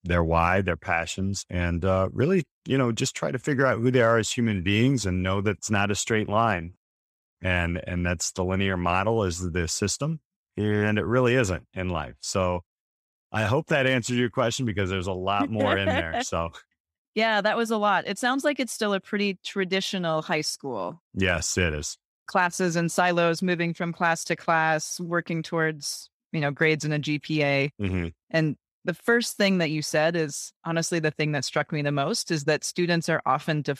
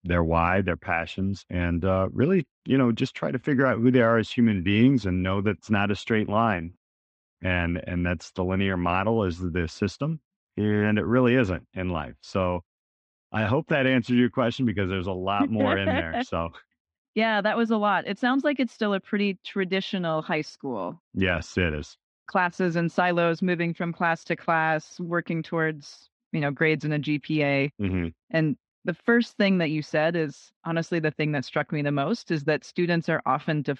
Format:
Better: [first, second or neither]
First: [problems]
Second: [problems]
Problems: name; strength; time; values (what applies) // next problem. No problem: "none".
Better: first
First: none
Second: muffled; slightly; fading above 3.5 kHz